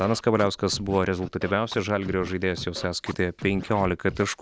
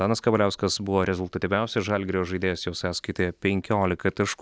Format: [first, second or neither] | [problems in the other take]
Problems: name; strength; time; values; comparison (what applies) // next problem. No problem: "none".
second | background sound (Scratching (performance technique)); 15 dB below the speech